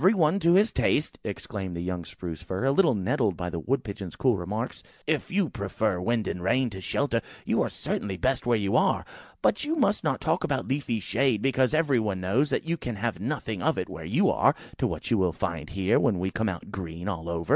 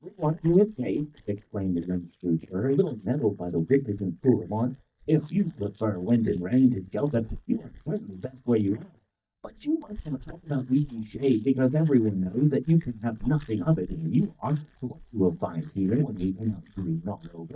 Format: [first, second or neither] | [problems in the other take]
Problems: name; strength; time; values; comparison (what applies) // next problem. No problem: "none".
first | noise reduction (neural mask model DeepFilterNet 3)